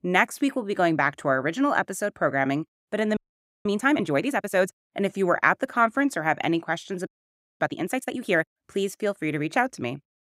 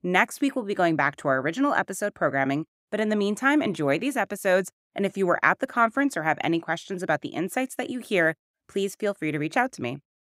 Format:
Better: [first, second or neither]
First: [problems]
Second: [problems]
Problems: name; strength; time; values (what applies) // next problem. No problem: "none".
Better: second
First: audio freezing; at 3 s and at 7 s for 0.5 s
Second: none